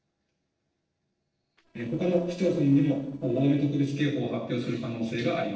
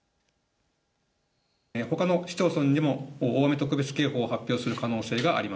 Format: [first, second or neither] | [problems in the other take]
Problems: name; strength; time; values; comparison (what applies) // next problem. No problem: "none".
second | noise reduction (neural separator model SepFormer DNS4)